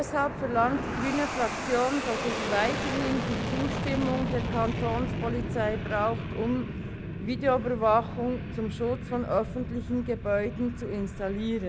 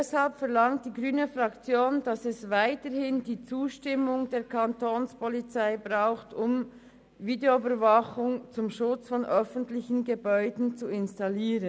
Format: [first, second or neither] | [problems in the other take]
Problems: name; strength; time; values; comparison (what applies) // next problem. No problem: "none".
second | background sound (Fixed-wing aircraft, airplane); 4 dB below the speech